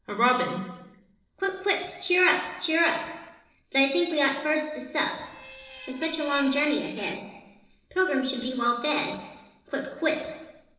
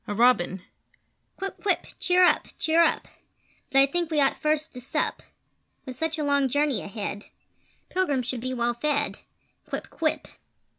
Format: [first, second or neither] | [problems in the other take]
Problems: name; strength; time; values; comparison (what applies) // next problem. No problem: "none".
second | noise reduction (neural separator model SepFormer DNS4)